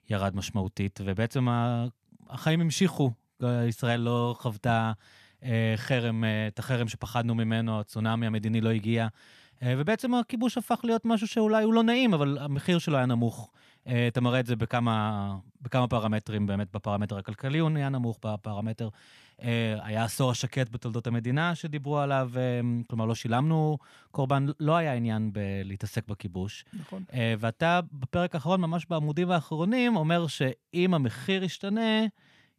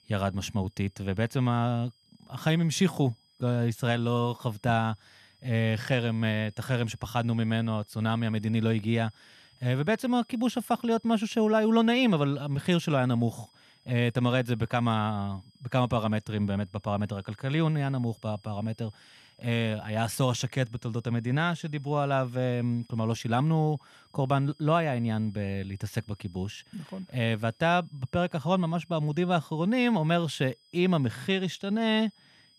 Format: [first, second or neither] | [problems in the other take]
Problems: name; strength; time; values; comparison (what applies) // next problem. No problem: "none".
first | high-pitched whine; faint; throughout; 5 kHz, 35 dB below the speech